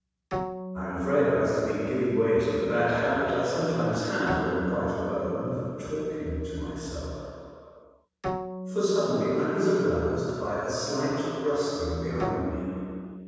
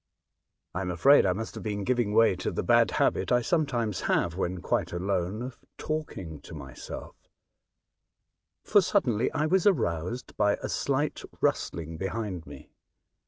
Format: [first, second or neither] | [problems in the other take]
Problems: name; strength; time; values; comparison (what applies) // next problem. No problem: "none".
second | background sound (Bowed string instrument); 11 dB below the speech // room echo; dies away in 2.1 s